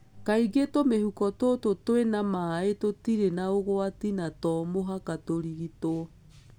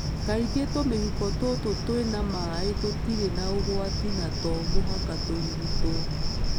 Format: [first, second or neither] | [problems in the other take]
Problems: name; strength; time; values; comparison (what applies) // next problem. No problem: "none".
first | background sound (Cricket); 3 dB above the speech